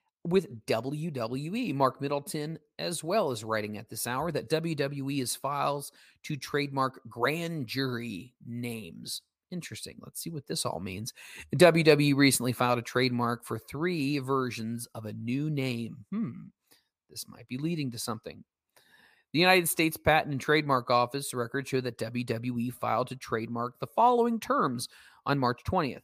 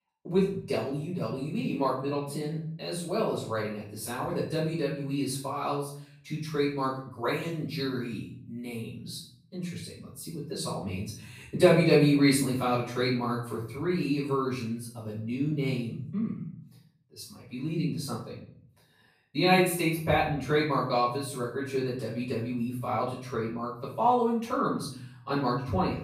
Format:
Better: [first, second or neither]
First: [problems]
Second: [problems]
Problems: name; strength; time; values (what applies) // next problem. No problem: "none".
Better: first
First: none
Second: off-mic speech; far // room echo; noticeable; dies away in 0.7 s